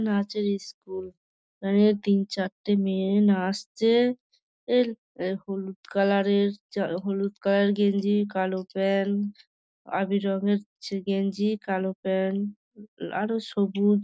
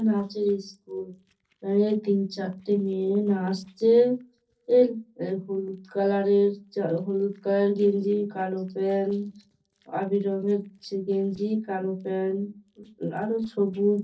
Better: first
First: none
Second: noise reduction (neural separator model SepFormer DNS4)

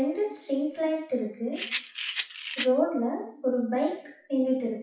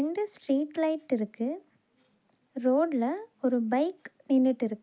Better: second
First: noise reduction (classical method WPE with log-MMSE)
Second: none

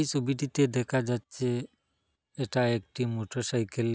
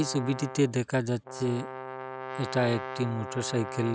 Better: first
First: none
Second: background sound (Brass instrument); 9 dB below the speech

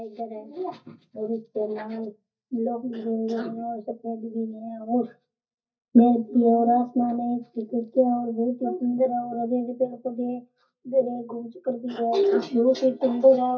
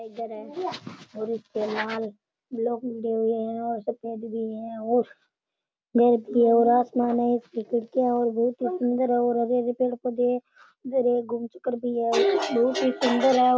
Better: second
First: noise reduction (neural mask model DeepFilterNet 3)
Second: none

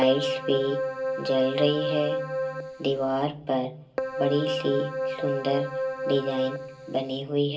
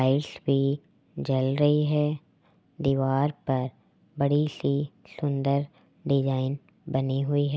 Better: second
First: background sound (Keyboard (musical)); 3 dB below the speech // room echo; dies away in 0.2 s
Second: none

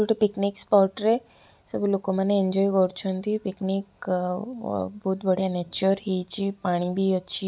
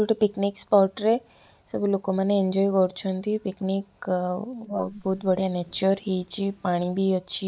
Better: first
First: none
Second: noise reduction (neural mask model Resemble Enhance denoiser)

